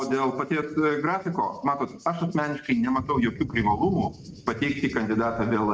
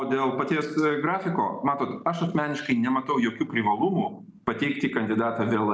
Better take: second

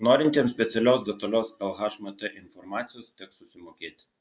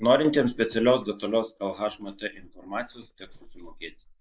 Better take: first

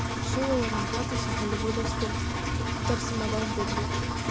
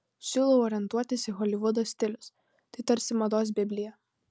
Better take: second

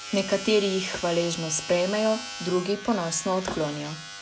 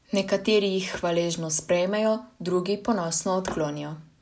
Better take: second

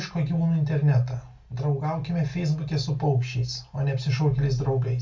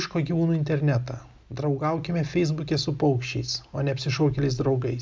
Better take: second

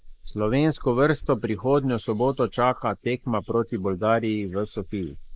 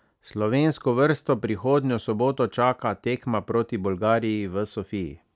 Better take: second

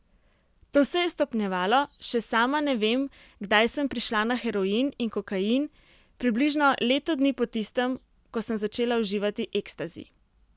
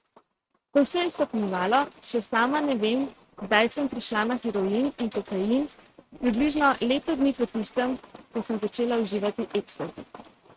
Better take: first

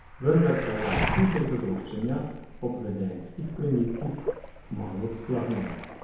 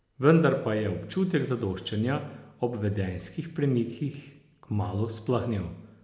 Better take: second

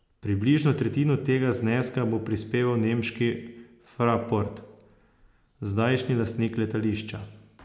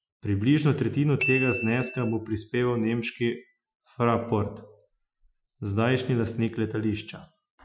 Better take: first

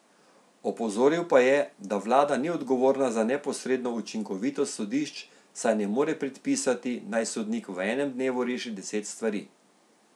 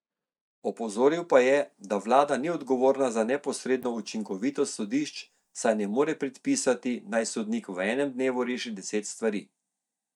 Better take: first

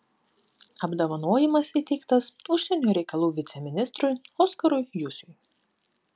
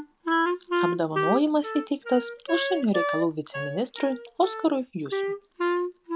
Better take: first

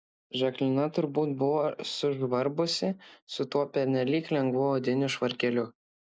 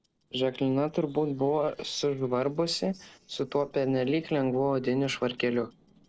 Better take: first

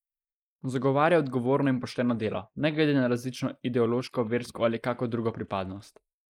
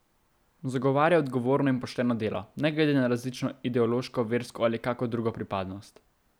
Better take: second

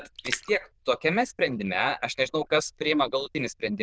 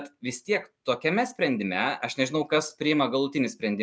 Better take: second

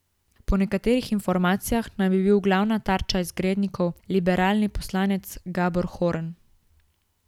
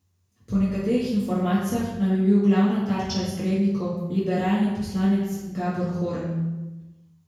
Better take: first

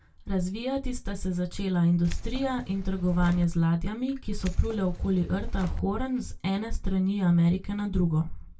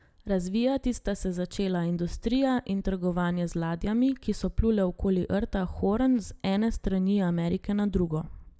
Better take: second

